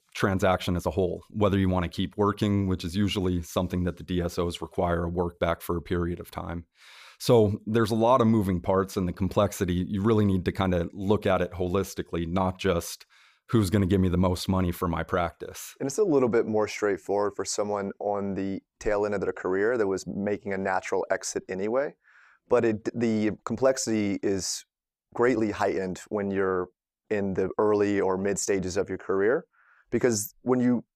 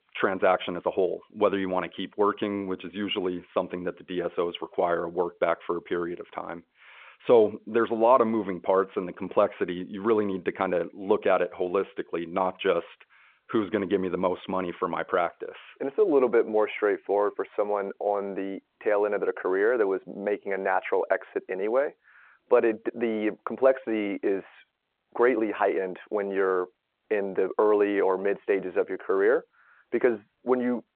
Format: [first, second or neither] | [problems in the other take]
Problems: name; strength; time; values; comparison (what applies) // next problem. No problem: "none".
first | phone-call audio